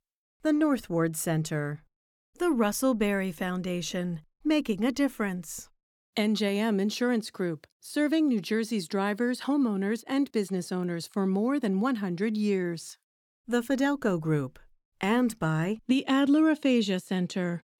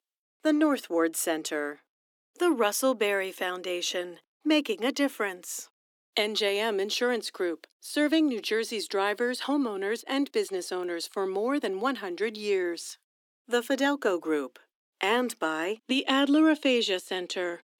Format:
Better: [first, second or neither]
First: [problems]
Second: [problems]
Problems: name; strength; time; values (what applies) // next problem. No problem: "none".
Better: first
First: none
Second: thin; somewhat; fading below 300 Hz